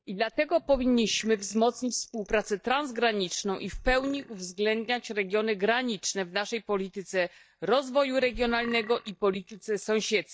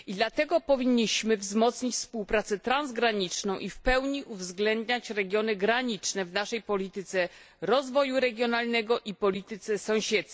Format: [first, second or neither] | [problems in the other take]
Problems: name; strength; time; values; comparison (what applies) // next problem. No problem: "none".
second | noise reduction (neural mask model DeepFilterNet 3)